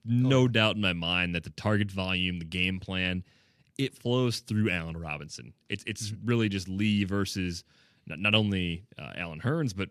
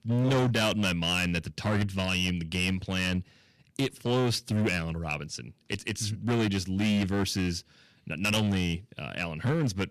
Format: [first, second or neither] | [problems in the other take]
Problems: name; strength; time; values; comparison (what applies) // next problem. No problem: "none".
first | distortion; heavy; 10% of the sound clipped